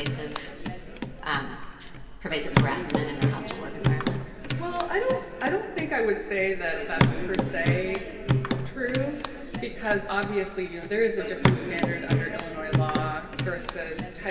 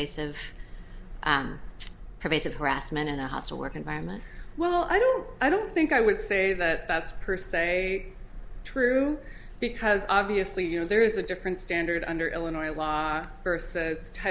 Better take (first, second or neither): second